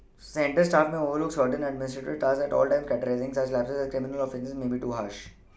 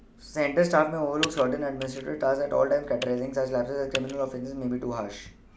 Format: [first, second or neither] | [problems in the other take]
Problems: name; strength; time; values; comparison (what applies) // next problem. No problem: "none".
first | background sound (Computer keyboard); 14 dB below the speech